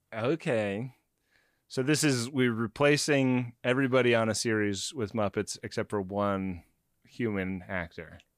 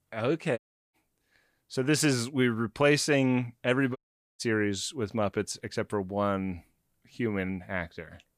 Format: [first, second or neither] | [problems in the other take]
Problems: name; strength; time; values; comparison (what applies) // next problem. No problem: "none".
first | audio cutting out; at 0.5 s and at 4 s